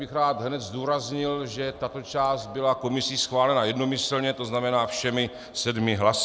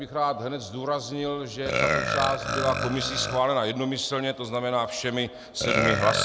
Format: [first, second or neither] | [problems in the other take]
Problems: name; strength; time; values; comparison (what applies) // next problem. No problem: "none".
first | background sound (Burping, eructation); 3 dB below the speech